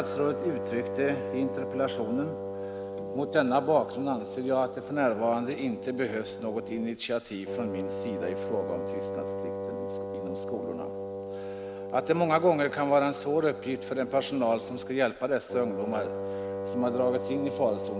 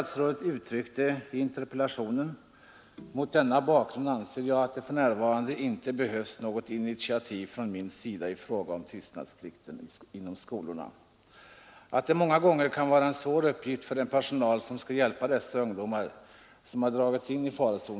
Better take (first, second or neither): second